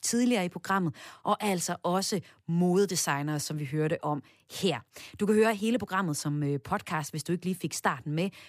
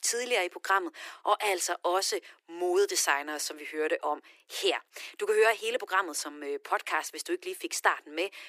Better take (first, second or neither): first